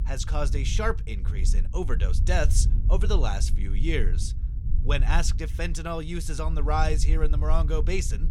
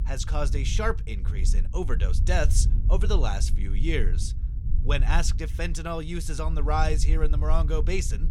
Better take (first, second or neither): neither